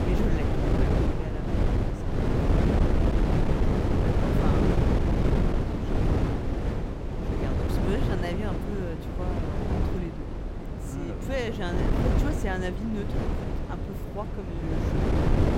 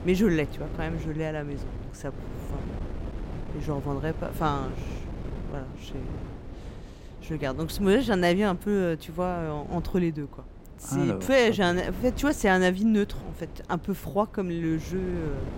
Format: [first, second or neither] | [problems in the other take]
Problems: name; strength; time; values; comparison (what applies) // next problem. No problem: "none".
second | wind noise on the microphone; heavy; 4 dB above the speech; occasional gusts in the second